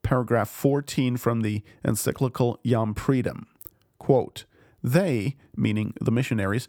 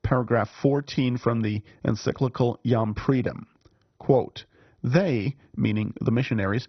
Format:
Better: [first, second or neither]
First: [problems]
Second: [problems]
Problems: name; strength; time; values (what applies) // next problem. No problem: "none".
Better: first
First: none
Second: garbled, watery; badly; nothing above 6 kHz